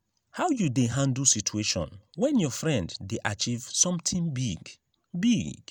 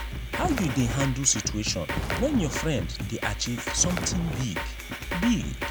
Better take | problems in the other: first | background sound (Walk, footsteps + Drum kit); 3 dB below the speech

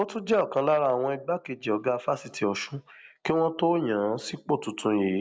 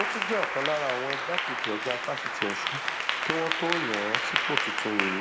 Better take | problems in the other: first | background sound (Applause / Clapping); 3 dB above the speech

